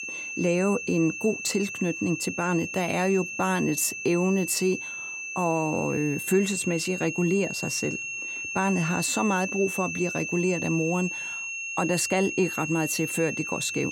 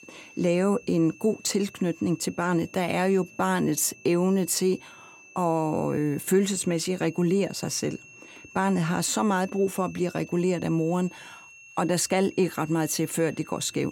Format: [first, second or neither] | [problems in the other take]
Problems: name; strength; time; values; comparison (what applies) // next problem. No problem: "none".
second | high-pitched whine; loud; throughout; 2.5 kHz, 5 dB below the speech; faint in the second